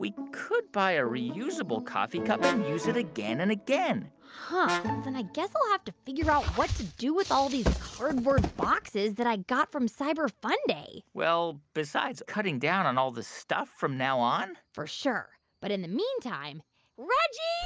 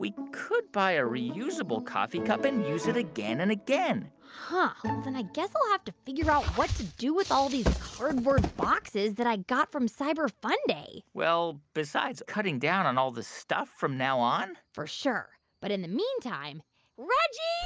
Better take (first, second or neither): second